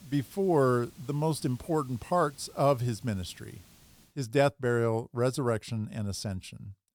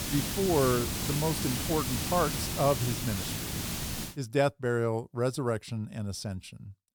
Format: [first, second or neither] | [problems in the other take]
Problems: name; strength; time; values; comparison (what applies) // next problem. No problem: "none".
first | hiss; loud; until 4 s; 2 dB below the speech; faint in the first